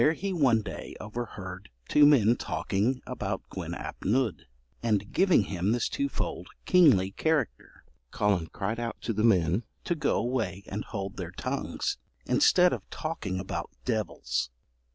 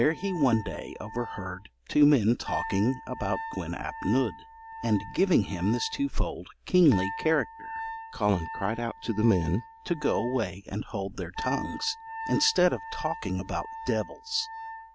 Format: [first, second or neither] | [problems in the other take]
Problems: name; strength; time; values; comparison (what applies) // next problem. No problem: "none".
first | background sound (Wind instrument, woodwind instrument); 12 dB below the speech